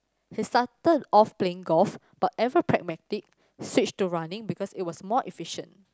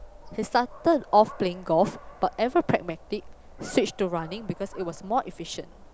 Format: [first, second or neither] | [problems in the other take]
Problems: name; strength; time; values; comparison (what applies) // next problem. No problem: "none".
first | background sound (Dog); 18 dB below the speech